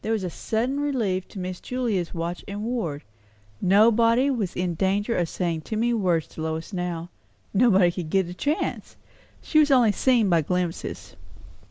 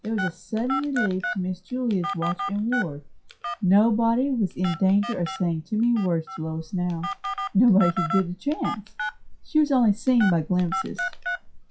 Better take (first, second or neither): first